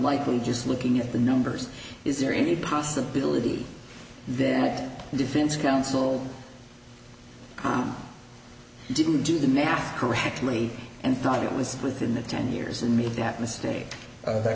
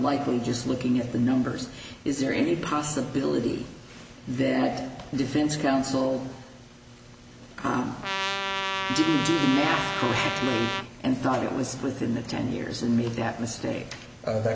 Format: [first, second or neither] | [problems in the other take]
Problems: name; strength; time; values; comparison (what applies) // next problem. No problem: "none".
first | background sound (Trumpet); 3 dB below the speech